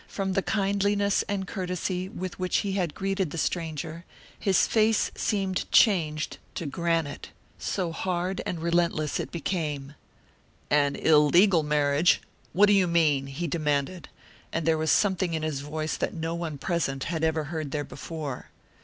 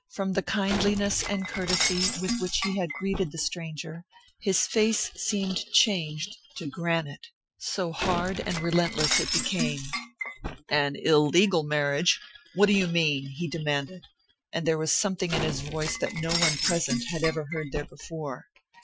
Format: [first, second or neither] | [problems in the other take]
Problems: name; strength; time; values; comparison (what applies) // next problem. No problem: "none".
first | noise reduction (classical method Wiener filter)